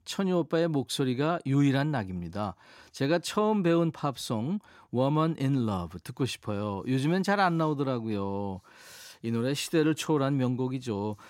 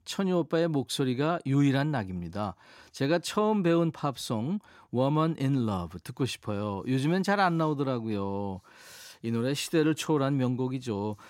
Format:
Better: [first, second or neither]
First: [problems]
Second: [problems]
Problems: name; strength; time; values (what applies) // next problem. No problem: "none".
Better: neither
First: none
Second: none